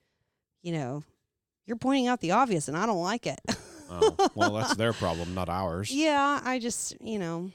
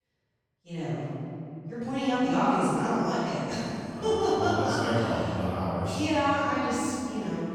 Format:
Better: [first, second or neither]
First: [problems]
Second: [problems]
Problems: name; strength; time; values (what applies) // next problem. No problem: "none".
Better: first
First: none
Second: off-mic speech; far // room echo; strong; dies away in 2.9 s